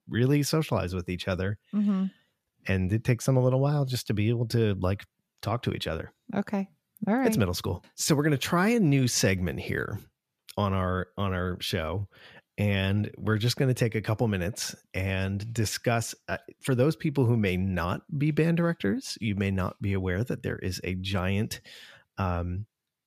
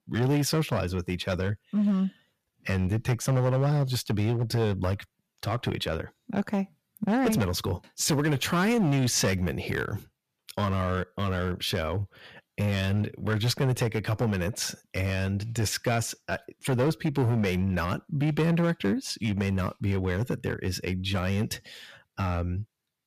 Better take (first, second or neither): first